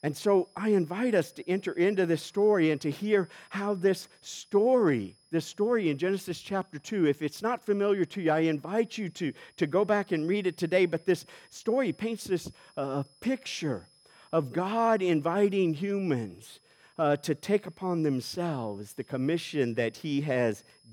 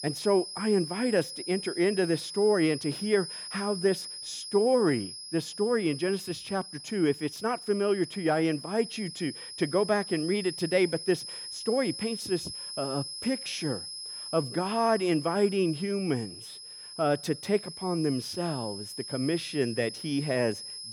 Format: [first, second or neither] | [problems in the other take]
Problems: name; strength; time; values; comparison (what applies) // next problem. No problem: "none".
first | high-pitched whine; loud; throughout; 5 kHz, 9 dB below the speech; faint in the first